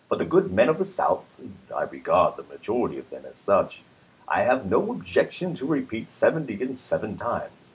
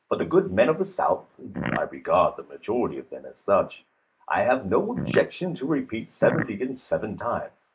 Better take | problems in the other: first | noise reduction (neural mask model Resemble Enhance denoiser)

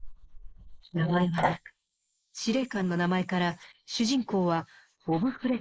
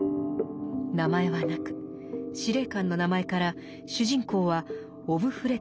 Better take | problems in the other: second | noise reduction (neural mask model Resemble Enhance denoiser)

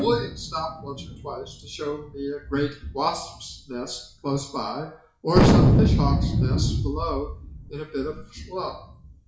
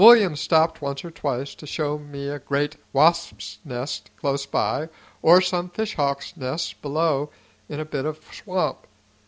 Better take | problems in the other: second | noise reduction (classical method WPE with log-MMSE)

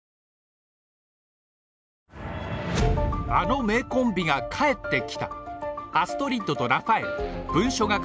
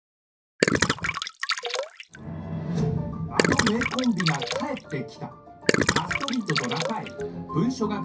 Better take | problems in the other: first | background sound (Gurgling); 3 dB above the speech // room echo; dies away in 0.3 s

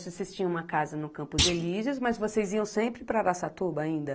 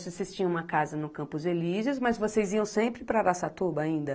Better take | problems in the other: second | background sound (Thump, thud); 4 dB below the speech

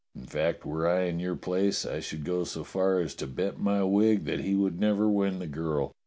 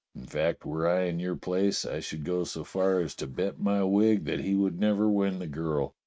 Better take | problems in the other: first | noise reduction (neural mask model RNNoise)

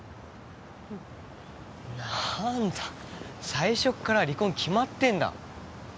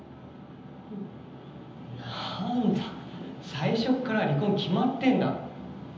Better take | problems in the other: first | room echo; dies away in 0.9 s

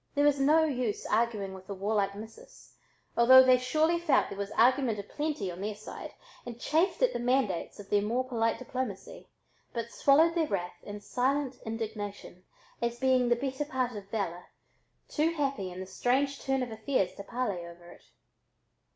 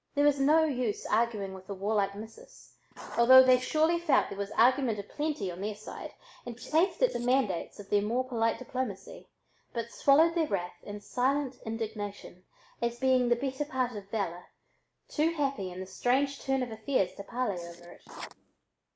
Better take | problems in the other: first | noise reduction (neural mask model Resemble Enhance denoiser)

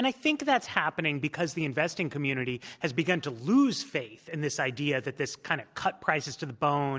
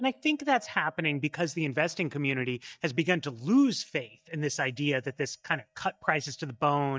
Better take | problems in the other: first | noise reduction (neural mask model DeepFilterNet 3)

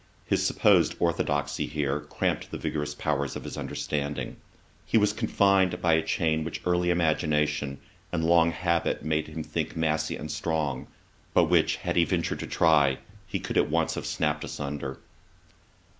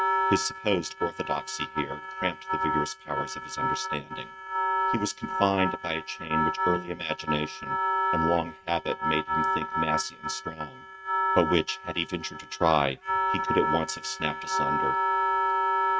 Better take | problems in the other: first | noise reduction (neural mask model RNNoise)

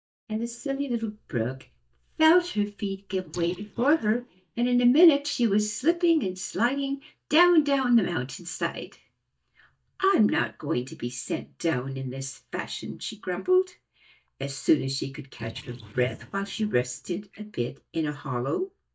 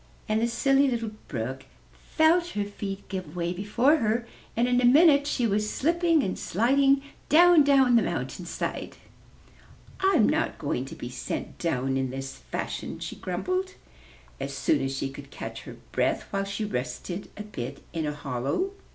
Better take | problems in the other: second | noise reduction (neural mask model DeepFilterNet 3)

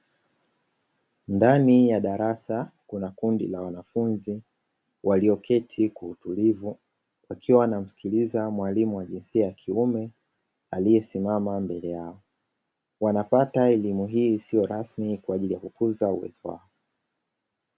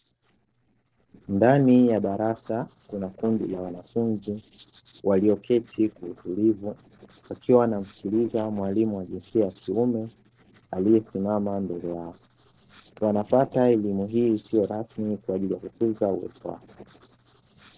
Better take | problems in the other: first | noise reduction (neural separator model SepFormer DNS4)

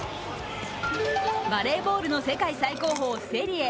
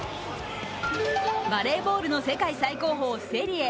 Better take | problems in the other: second | background sound (Chewing, mastication); 19 dB below the speech

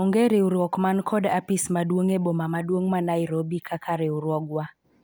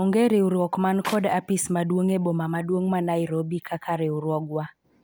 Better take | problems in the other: first | background sound (Clapping); 16 dB below the speech

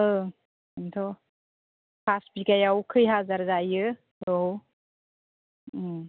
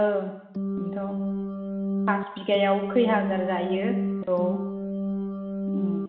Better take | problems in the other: first | background sound (Organ); as loud as the speech // room echo; dies away in 0.9 s

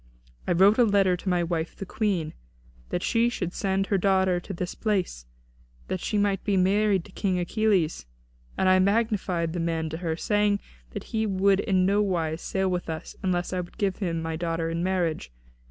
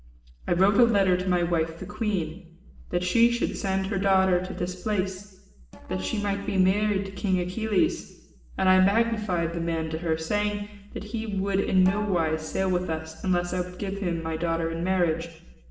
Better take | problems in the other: first | noise reduction (neural separator model SepFormer DNS4)

